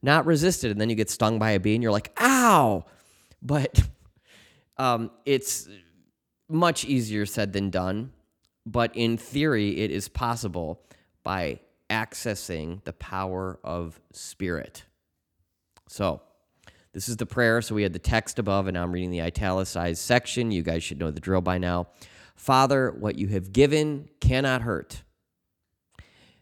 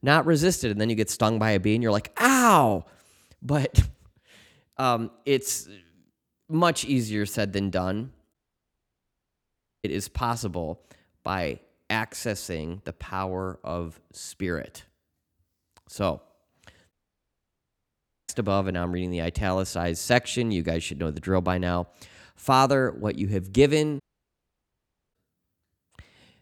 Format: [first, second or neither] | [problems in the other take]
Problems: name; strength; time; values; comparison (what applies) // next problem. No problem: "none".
first | audio cutting out; at 8.5 s for 1.5 s, at 17 s for 1.5 s and at 24 s for 1 s